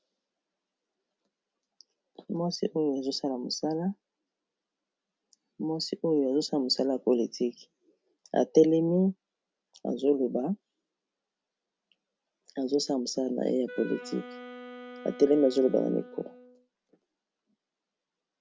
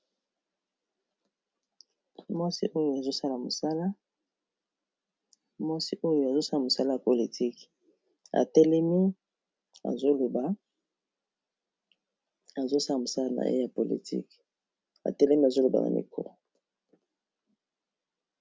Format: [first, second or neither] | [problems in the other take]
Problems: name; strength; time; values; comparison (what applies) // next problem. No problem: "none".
second | background sound (Wind instrument, woodwind instrument); 15 dB below the speech